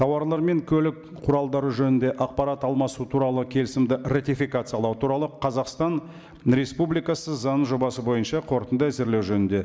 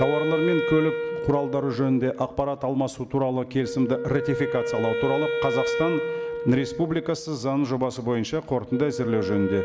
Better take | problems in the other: first | background sound (Wind instrument, woodwind instrument); 5 dB below the speech

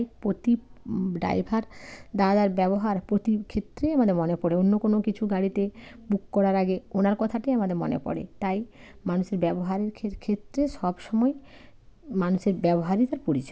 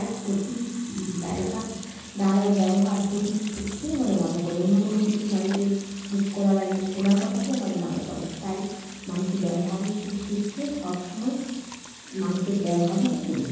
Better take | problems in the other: first | background sound (Sink (filling or washing) / Water tap, faucet); 16 dB below the speech // room echo; dies away in 1.3 s

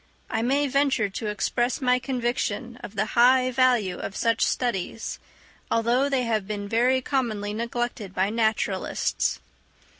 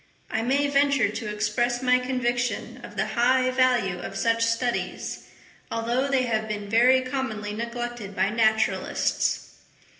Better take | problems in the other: first | room echo; dies away in 0.8 s

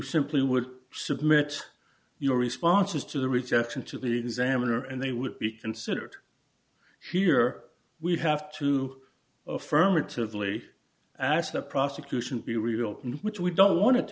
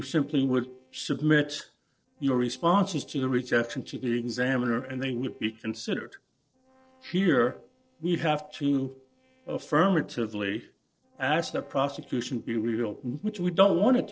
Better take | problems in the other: first | noise reduction (neural separator model SepFormer DNS4)

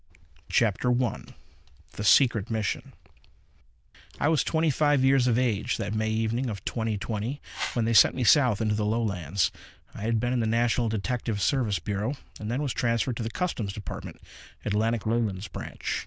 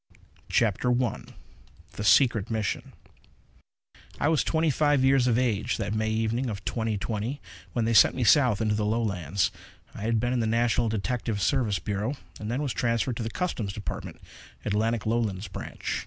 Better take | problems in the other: second | noise reduction (neural diffusion model UNIVERSE++)

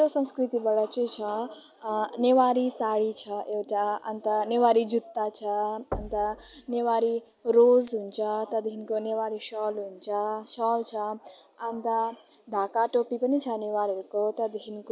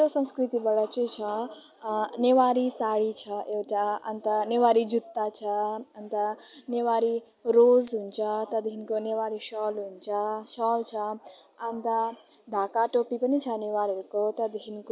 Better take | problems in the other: second | background sound (Knock / Wood / Percussion); 14 dB below the speech

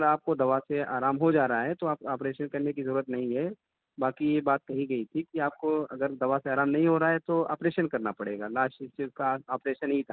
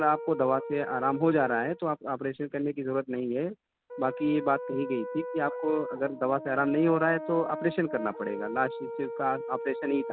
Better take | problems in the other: first | background sound (Brass instrument); 10 dB below the speech

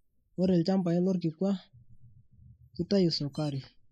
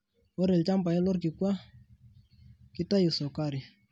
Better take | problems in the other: second | noise reduction (neural mask model Resemble Enhance denoiser)

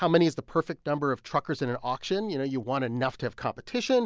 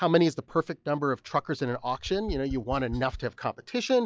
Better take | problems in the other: first | noise reduction (classical method log-MMSE)

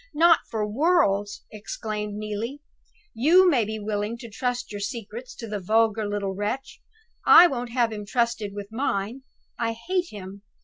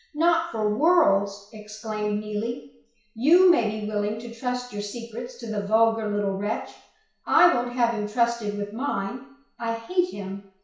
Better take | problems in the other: first | room echo; dies away in 0.6 s

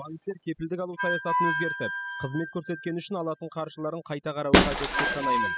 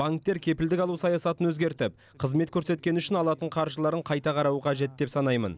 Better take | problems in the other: second | noise reduction (classical method spectral subtraction)

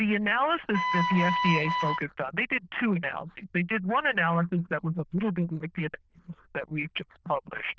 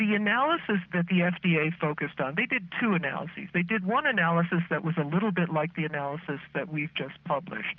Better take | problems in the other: second | noise reduction (neural diffusion model UNIVERSE++)

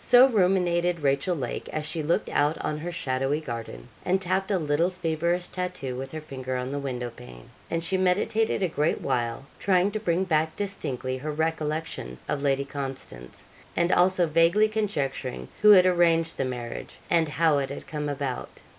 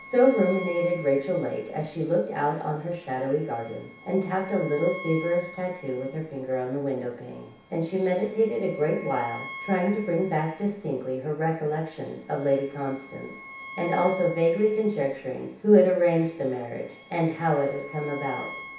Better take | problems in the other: first | background sound (Bowed string instrument); 18 dB below the speech // room echo; dies away in 0.7 s

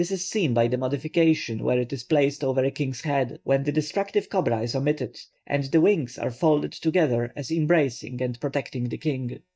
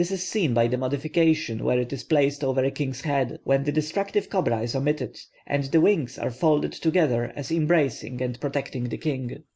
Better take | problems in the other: second | noise reduction (neural mask model DeepFilterNet 3)

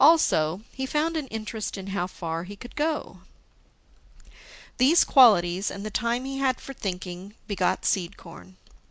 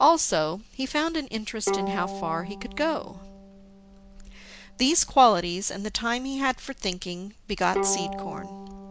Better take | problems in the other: first | background sound (Bowed string instrument); 10 dB below the speech

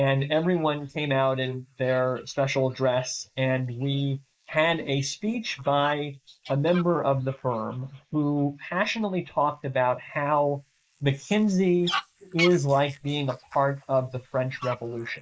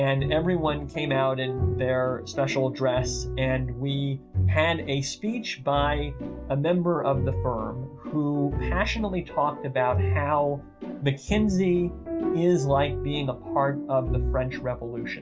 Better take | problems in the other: second | noise reduction (neural mask model Resemble Enhance denoiser)

